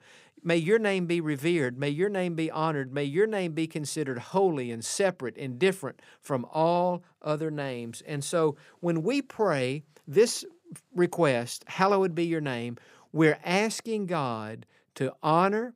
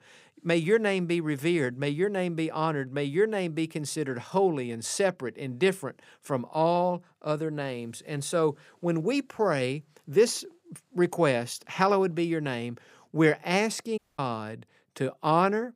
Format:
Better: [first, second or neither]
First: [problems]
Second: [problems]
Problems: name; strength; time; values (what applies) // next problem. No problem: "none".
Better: first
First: none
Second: audio cutting out; at 14 s